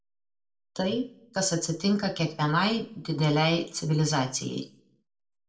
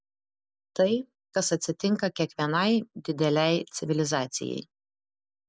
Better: second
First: room echo; dies away in 0.3 s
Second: none

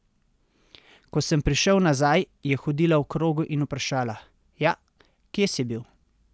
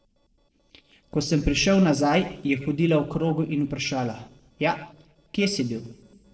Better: first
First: none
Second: noise reduction (neural separator model SepFormer DNS4)

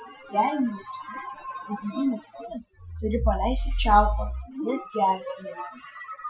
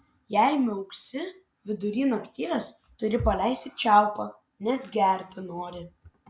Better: second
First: noise reduction (classical method Wiener filter)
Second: none

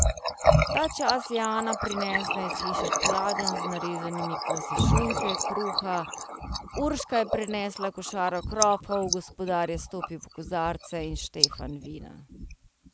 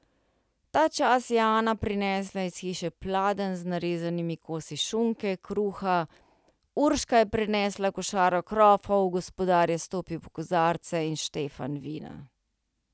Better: second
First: background sound (Water tap, faucet); 2 dB above the speech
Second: none

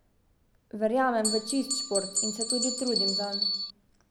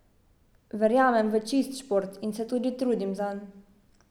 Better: second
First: background sound (Bell); 1 dB above the speech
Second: none

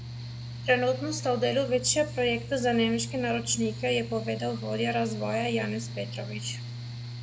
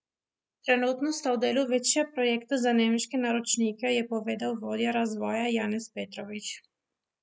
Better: second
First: background sound (Mechanical fan); 9 dB below the speech // room echo; dies away in 0.8 s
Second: none

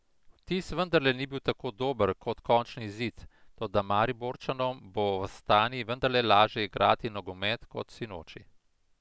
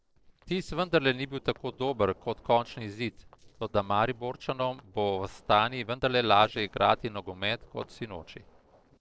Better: first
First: none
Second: noise reduction (neural separator model SepFormer DNS4)

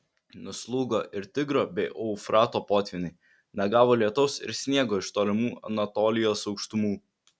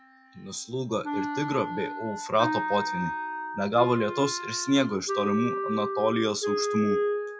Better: first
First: none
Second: noise reduction (classical method WPE with log-MMSE)

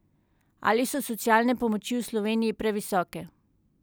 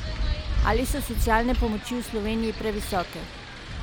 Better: first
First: none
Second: background sound (Wind); as loud as the speech

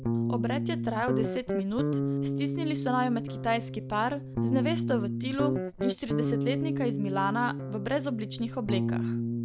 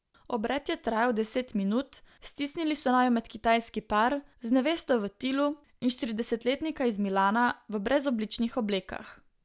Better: second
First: background sound (Guitar); 1 dB above the speech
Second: none

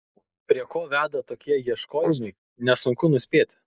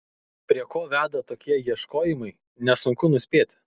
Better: second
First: noise reduction (neural mask model Resemble Enhance denoiser)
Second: none

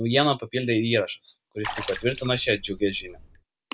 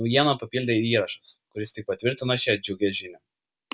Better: second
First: background sound (Water / Splash, splatter); 12 dB below the speech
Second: none

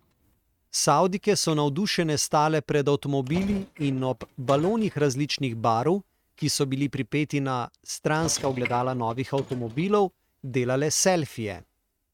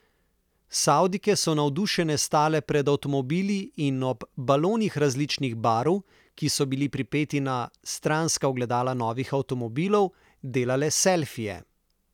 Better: second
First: noise reduction (neural mask model RNNoise)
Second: none

